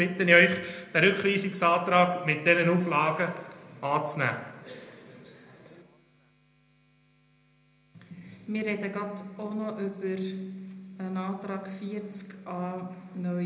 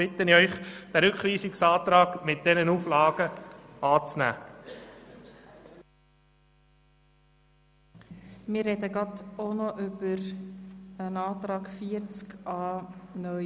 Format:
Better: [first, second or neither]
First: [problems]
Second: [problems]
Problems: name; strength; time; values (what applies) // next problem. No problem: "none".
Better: second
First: room echo; dies away in 0.8 s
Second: none